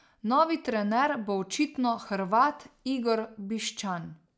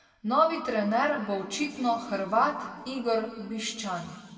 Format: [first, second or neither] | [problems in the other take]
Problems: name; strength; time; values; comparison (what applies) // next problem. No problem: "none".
first | room echo; dies away in 1.9 s